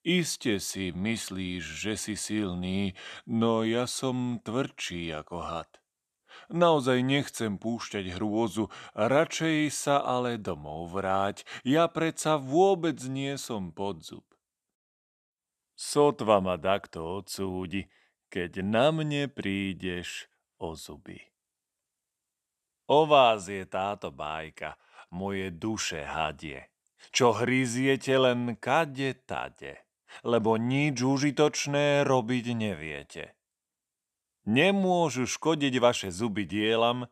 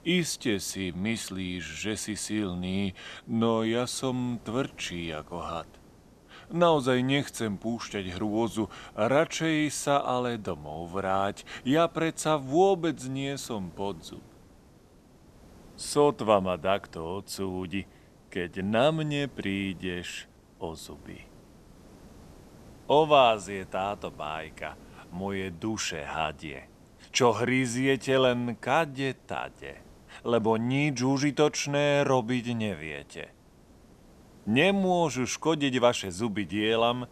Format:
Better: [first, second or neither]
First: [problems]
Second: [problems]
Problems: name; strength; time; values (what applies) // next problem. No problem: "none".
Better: first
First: none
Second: hiss; faint; throughout; 25 dB below the speech